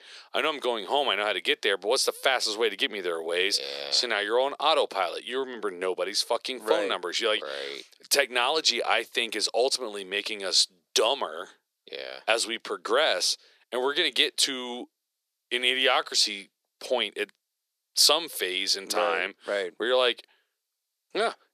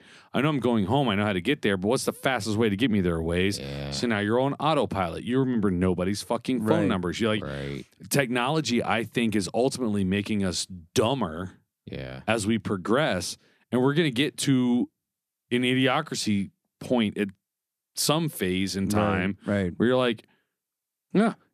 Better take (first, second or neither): second